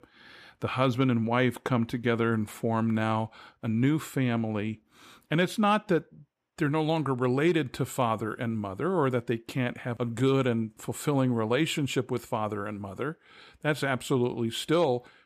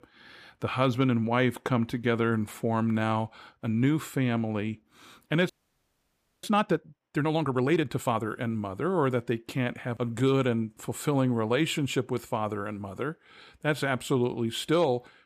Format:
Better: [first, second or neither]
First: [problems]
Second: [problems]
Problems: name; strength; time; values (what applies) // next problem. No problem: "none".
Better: first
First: none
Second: audio freezing; at 5.5 s for 1 s